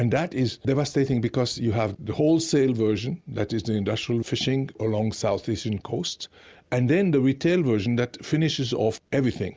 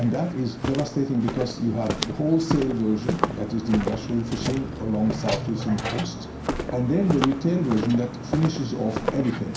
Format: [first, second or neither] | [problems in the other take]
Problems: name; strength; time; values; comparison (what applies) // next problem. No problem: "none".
first | background sound (Walk, footsteps); 5 dB below the speech // room echo; dies away in 0.5 s